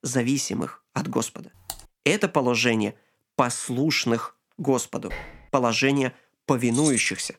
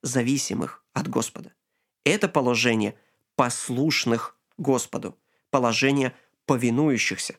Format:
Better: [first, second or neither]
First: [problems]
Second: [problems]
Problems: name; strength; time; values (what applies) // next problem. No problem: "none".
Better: second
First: keyboard typing; faint; at 1.5 s; peak 15 dB below the speech // clattering dishes; faint; at 5 s; peak 15 dB below the speech // jangling keys; noticeable; at 6.5 s; peak 2 dB below the speech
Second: none